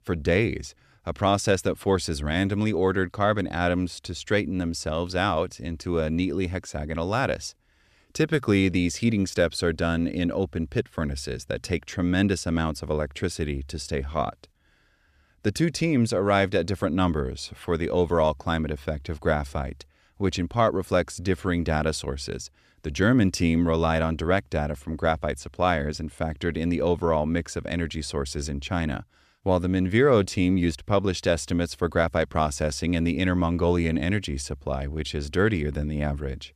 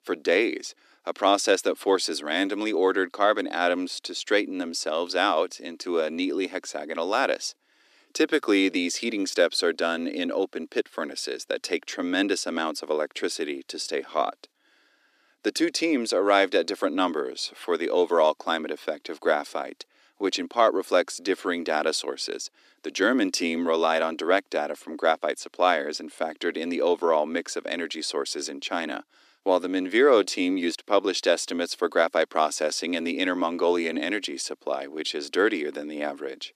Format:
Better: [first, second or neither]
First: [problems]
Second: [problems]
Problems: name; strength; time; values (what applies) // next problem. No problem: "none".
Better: first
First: none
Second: thin; somewhat; fading below 300 Hz